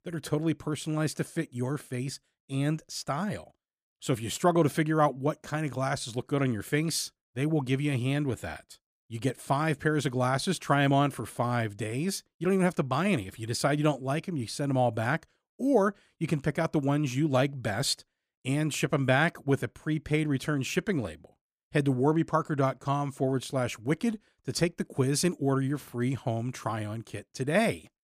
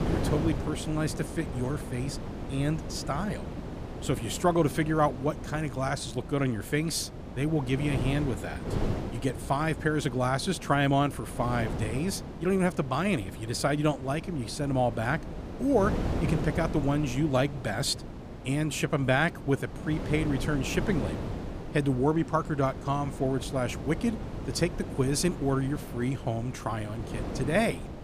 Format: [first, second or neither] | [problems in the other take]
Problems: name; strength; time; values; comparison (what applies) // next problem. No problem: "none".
first | wind noise on the microphone; occasional gusts; 10 dB below the speech